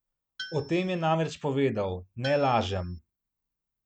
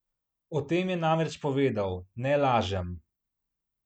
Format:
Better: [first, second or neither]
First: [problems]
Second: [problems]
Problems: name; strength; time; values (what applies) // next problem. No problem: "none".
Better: second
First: background sound (Tools); 15 dB below the speech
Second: none